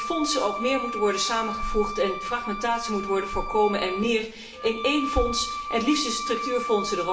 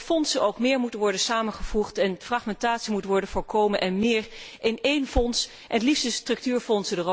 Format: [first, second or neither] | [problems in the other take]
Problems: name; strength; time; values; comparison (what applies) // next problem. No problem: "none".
second | background sound (Wind instrument, woodwind instrument); 6 dB below the speech // room echo; dies away in 0.7 s